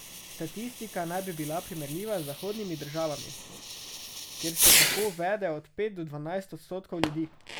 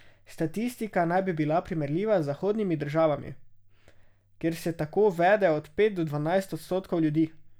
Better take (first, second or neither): second